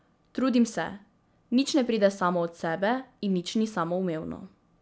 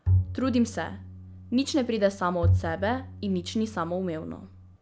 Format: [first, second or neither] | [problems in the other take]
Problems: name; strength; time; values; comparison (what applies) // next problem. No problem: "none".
first | background sound (Bowed string instrument); 2 dB below the speech